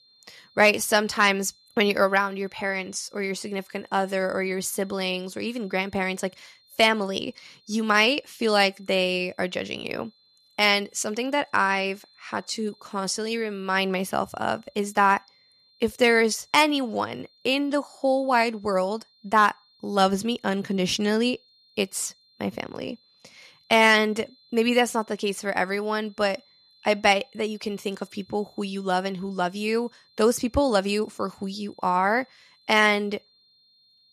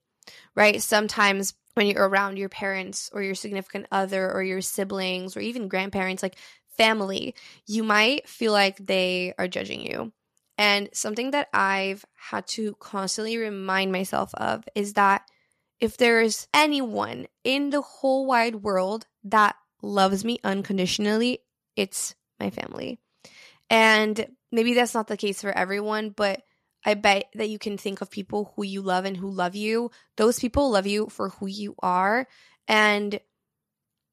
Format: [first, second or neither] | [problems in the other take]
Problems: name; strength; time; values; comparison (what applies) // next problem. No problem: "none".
second | high-pitched whine; faint; throughout; 4 kHz, 30 dB below the speech